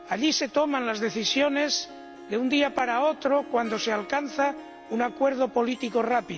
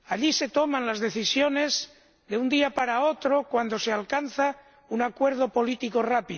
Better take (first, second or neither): second